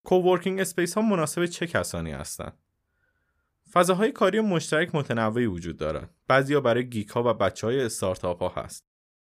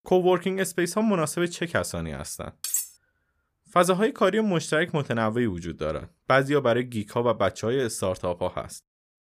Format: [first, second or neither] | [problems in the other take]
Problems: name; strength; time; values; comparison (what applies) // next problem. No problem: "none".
first | clattering dishes; noticeable; at 2.5 s; peak 2 dB below the speech